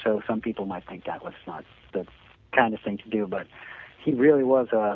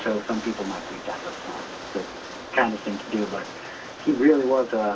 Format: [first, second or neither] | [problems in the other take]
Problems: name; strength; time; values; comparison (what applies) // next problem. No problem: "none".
first | background sound (Rain); 12 dB below the speech // room echo; dies away in 0.1 s